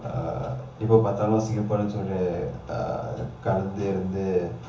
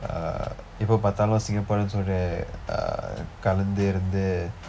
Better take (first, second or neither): second